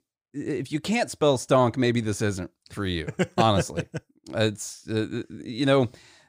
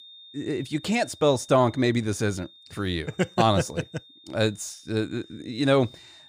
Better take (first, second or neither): first